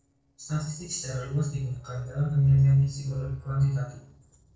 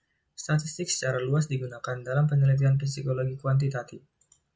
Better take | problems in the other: second | noise reduction (neural separator model SepFormer DNS4)

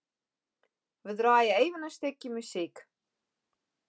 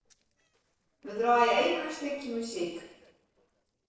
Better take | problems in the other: first | noise reduction (neural separator model SepFormer DNS4)

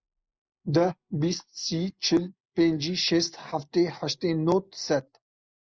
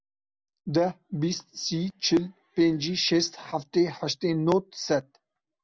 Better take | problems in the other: second | noise reduction (neural mask model Resemble Enhance denoiser)

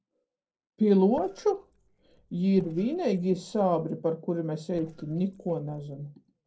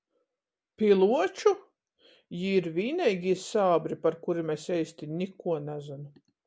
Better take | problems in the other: second | noise reduction (neural separator model SepFormer DNS4)

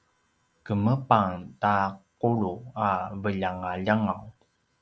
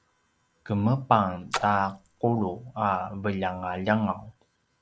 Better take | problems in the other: first | background sound (Splash, splatter); 11 dB below the speech

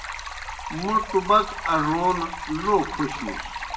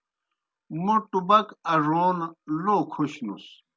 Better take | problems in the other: second | background sound (Stream); 9 dB below the speech // room echo; dies away in 0.8 s

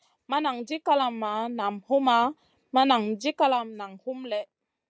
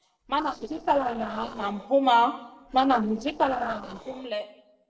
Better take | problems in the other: first | noise reduction (neural separator model SepFormer DNS4)

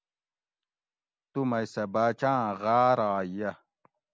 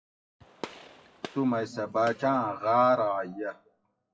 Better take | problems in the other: first | noise reduction (classical method WPE with log-MMSE)

